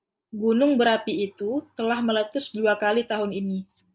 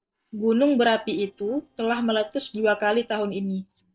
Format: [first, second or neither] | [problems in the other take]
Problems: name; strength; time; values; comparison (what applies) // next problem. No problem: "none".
first | noise reduction (neural separator model SepFormer DNS4)